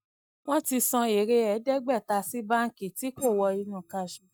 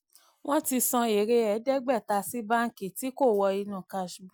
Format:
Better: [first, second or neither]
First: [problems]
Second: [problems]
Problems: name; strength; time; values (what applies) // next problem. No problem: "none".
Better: second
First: noise reduction (neural mask model DeepFilterNet 3)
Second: none